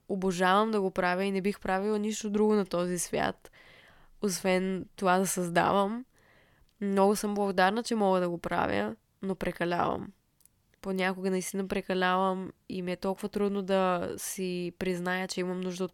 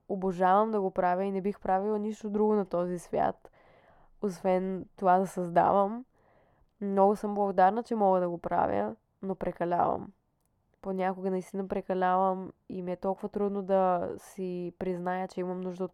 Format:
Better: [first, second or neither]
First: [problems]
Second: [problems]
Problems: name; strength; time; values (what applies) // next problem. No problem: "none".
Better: first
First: none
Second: muffled; very; fading above 2 kHz